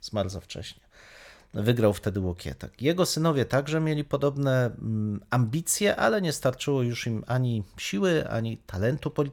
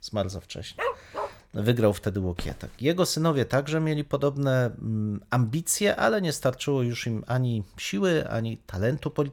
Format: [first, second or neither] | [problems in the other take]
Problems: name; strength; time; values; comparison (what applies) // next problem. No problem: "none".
first | dog barking; noticeable; at 1 s; peak 5 dB below the speech // footsteps; faint; at 2.5 s; peak 15 dB below the speech